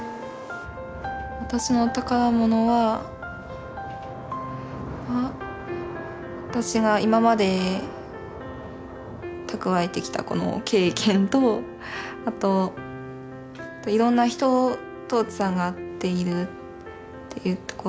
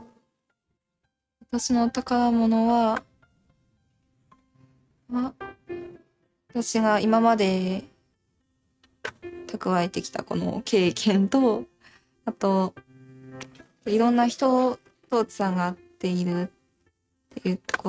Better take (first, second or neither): first